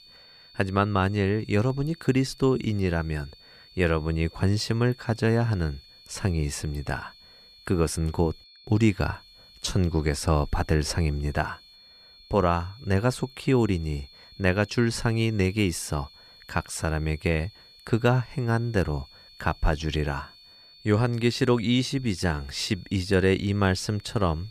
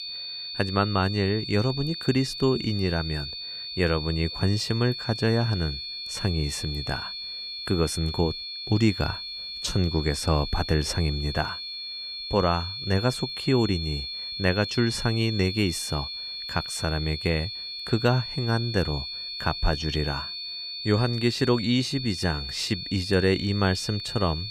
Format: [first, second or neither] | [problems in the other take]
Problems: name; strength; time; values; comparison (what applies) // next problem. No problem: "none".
first | high-pitched whine; loud; throughout; 4.5 kHz, 6 dB below the speech; faint in the first